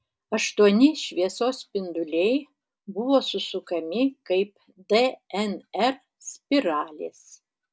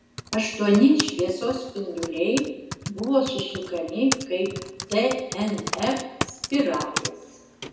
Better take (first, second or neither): first